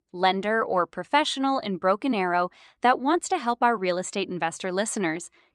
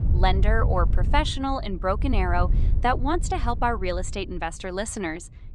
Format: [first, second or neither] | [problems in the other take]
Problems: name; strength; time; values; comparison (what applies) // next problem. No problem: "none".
first | wind noise on the microphone; occasional gusts; 15 dB below the speech